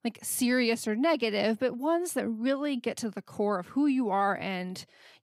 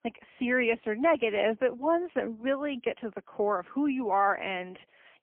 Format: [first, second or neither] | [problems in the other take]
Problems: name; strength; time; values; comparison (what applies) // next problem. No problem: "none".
first | phone-call audio; poor line; nothing above 3 kHz